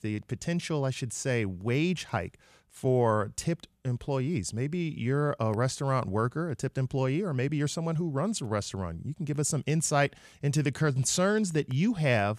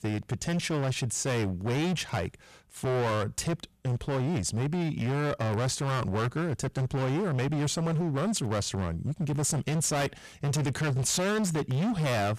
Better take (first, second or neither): first